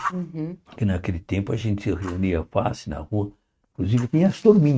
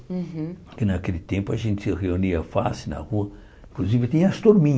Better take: second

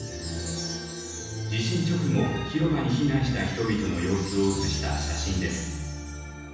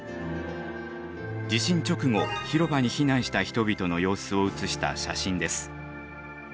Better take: second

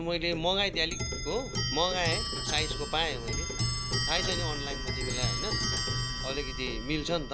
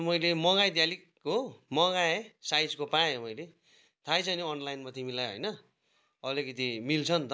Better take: second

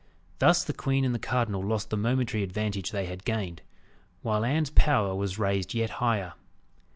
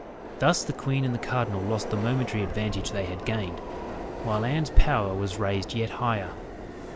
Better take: first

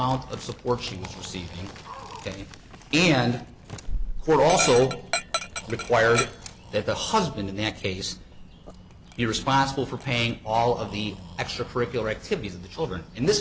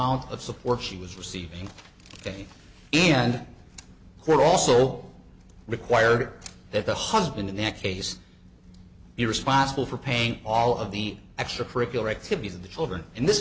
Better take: second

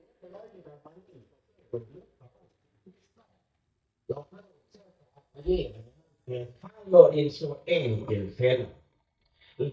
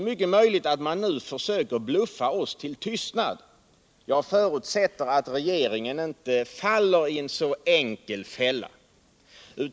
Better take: second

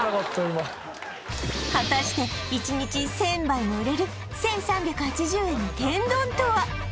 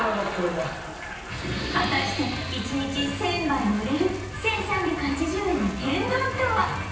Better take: first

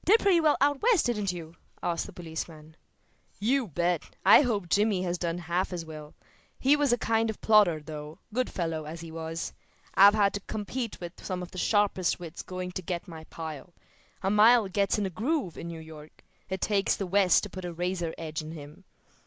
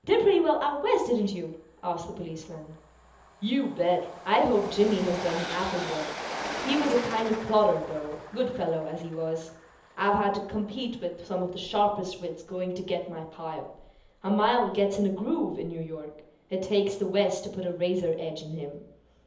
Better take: first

